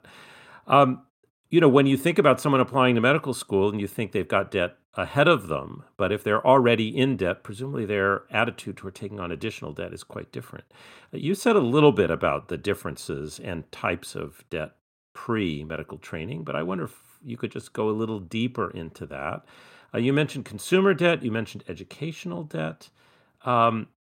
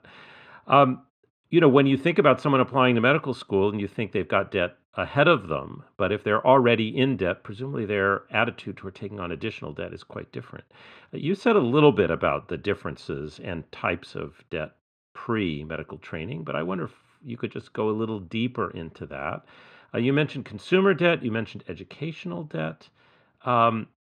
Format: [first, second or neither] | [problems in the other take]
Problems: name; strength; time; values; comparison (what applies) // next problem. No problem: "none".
first | muffled; very slightly; fading above 3 kHz